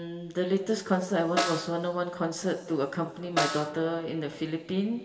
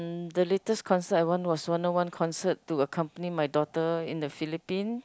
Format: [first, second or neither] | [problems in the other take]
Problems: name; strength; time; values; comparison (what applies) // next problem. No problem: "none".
second | background sound (Snare drum); 5 dB below the speech // room echo; dies away in 1.9 s